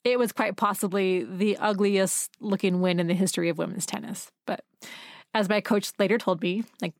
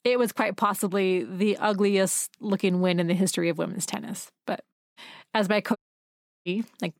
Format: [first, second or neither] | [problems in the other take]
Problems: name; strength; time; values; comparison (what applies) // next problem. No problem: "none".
first | audio cutting out; at 4.5 s and at 6 s for 0.5 s